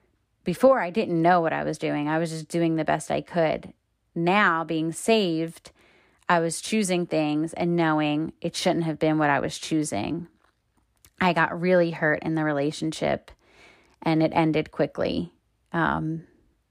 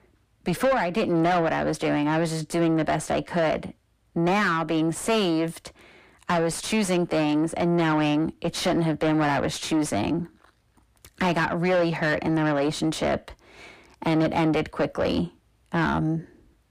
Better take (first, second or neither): first